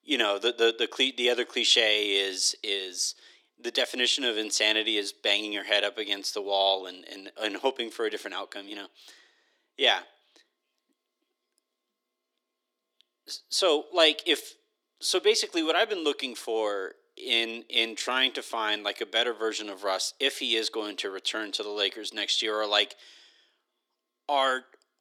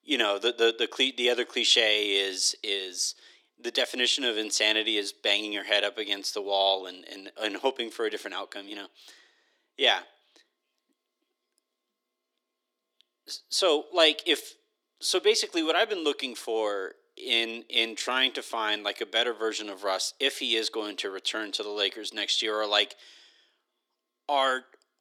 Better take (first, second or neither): neither